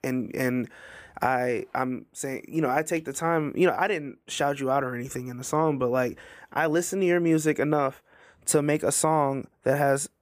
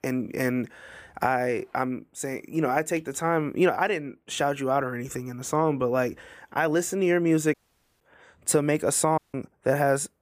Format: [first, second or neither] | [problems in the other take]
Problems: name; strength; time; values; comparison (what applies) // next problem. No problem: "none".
first | audio cutting out; at 7.5 s and at 9 s